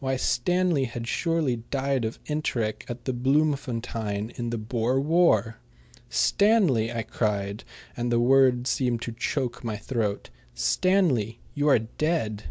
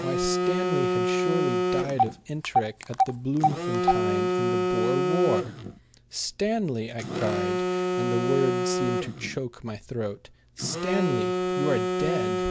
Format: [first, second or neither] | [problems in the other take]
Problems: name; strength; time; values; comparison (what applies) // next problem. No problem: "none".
first | background sound (Telephone + Telephone); 3 dB above the speech